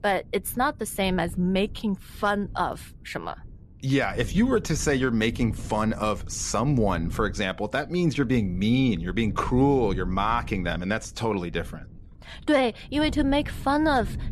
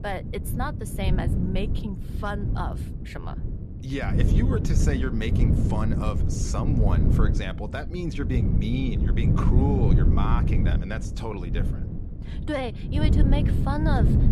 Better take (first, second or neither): first